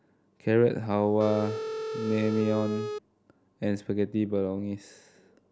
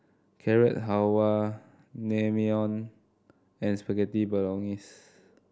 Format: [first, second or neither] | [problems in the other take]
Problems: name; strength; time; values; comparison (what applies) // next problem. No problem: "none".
second | background sound (Telephone); 5 dB below the speech